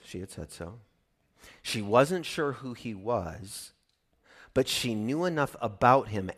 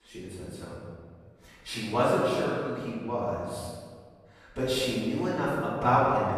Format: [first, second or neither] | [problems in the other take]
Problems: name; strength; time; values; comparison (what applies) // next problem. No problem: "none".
first | off-mic speech; far // room echo; strong; dies away in 1.6 s